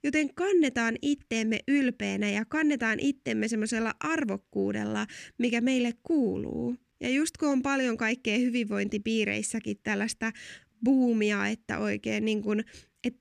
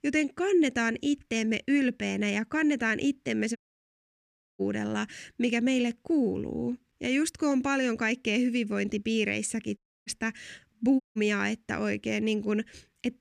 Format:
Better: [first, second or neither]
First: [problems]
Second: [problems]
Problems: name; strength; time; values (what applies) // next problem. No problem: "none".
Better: first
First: none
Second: audio cutting out; at 3.5 s for 1 s, at 10 s and at 11 s